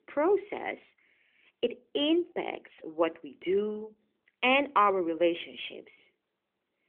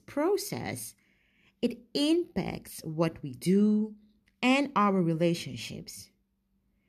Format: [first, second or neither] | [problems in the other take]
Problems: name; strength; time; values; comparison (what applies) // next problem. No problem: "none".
second | phone-call audio; nothing above 3.5 kHz